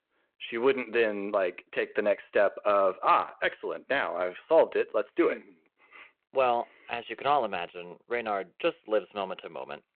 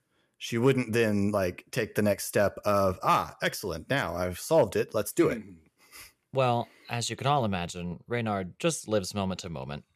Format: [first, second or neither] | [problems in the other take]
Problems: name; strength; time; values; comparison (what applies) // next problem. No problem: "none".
second | phone-call audio